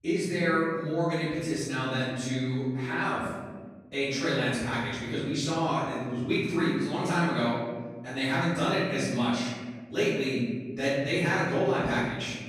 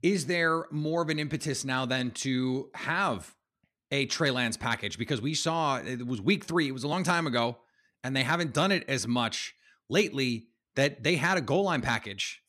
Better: second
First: off-mic speech; far // room echo; strong; dies away in 1.5 s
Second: none

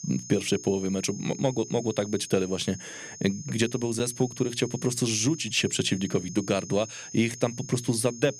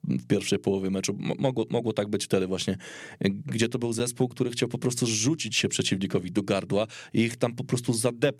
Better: second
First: high-pitched whine; noticeable; throughout; 6.5 kHz, 15 dB below the speech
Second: none

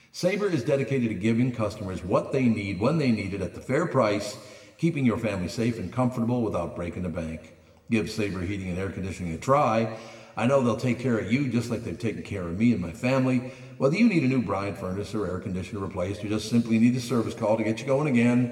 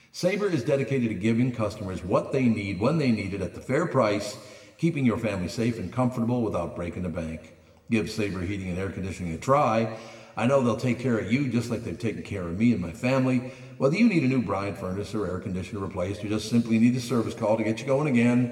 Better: neither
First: room echo; slight; dies away in 1.2 s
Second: room echo; slight; dies away in 1.2 s

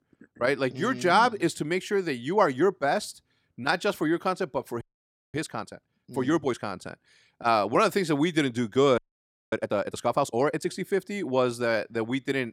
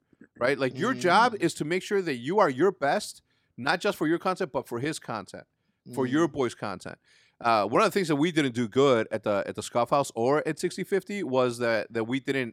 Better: second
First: audio freezing; at 5 s for 0.5 s and at 9 s for 0.5 s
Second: none

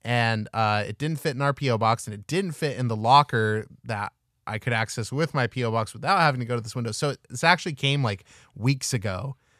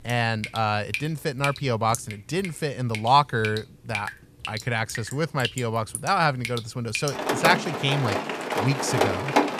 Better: first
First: none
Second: rain or running water; loud; throughout; 4 dB below the speech

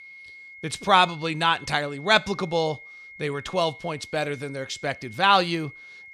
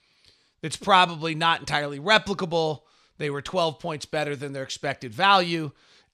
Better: second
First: high-pitched whine; noticeable; throughout; 2 kHz, 20 dB below the speech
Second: none

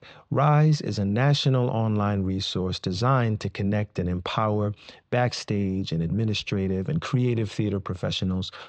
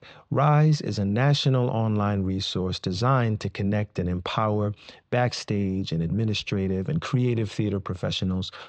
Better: neither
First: muffled; very slightly; fading above 4 kHz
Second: muffled; very slightly; fading above 4 kHz

